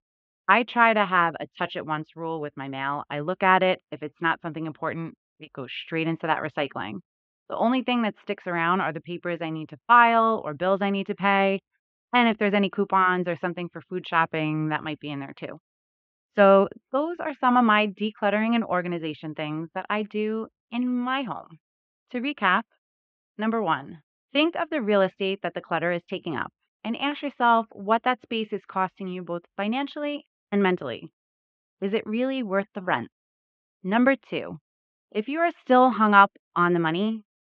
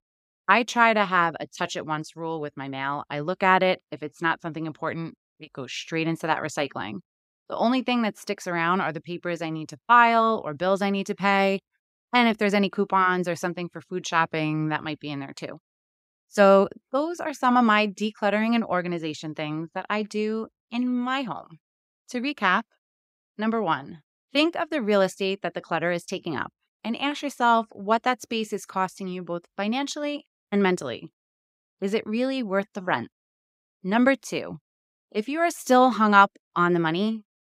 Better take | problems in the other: second | muffled; very; fading above 3 kHz

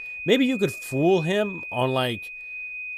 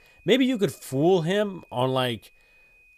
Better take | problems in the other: second | high-pitched whine; loud; throughout; 2.5 kHz, 10 dB below the speech; faint in the second

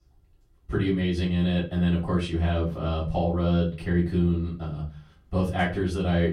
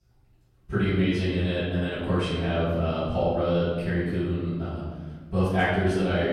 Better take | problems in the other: first | room echo; strong; dies away in 1.4 s; slight in the first // off-mic speech; far; far in the first

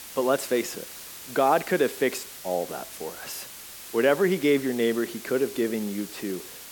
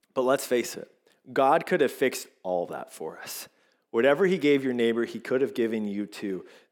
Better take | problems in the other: second | hiss; noticeable; throughout; 15 dB below the speech

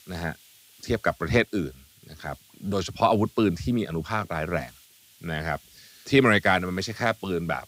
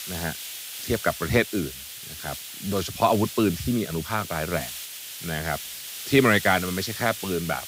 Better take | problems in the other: first | hiss; loud; throughout; 9 dB below the speech; faint in the first

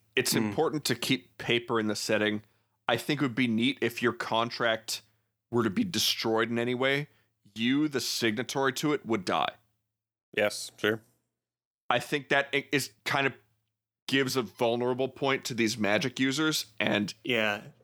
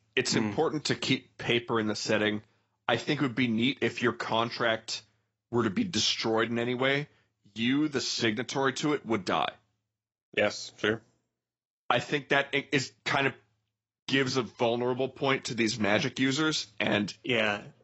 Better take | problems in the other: first | garbled, watery; badly; nothing above 8 kHz

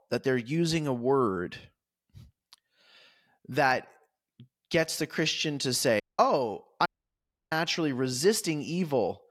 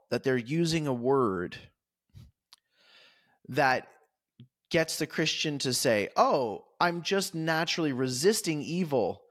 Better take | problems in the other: second | audio cutting out; at 6 s and at 7 s for 0.5 s

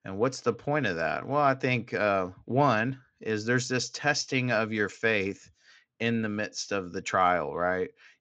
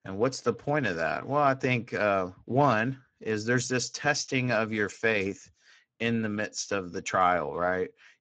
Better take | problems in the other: first | garbled, watery; badly; nothing above 7.5 kHz; slightly in the first

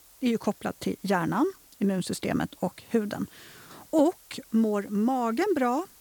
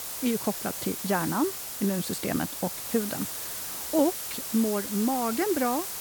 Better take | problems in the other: first | hiss; loud; throughout; 4 dB below the speech; faint in the first

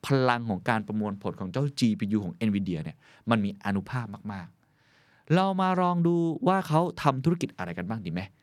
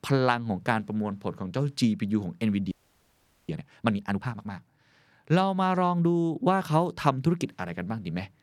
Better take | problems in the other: first | audio freezing; at 2.5 s for 1 s

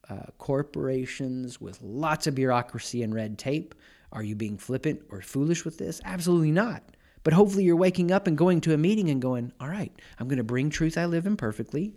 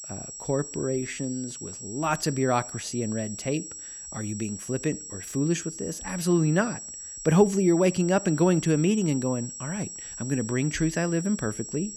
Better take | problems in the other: first | high-pitched whine; noticeable; throughout; 7.5 kHz, 10 dB below the speech

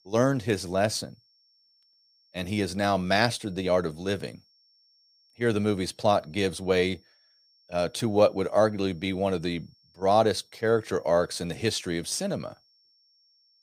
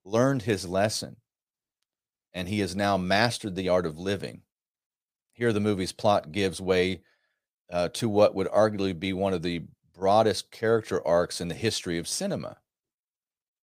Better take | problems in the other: second | high-pitched whine; faint; throughout; 5.5 kHz, 35 dB below the speech

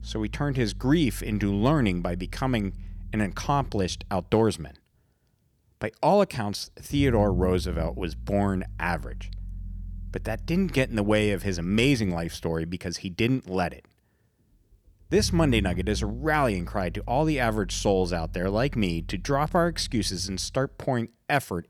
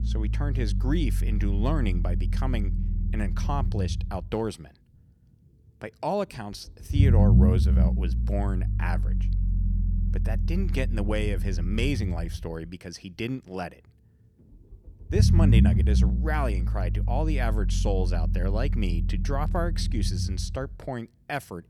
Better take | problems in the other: first | low rumble; loud; throughout; 6 dB below the speech; faint in the first

